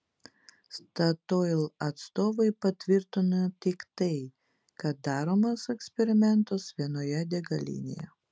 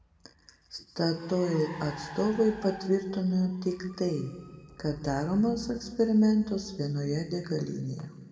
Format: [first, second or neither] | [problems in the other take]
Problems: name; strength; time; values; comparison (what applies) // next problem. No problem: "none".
first | background sound (Car); 20 dB below the speech // room echo; dies away in 1.4 s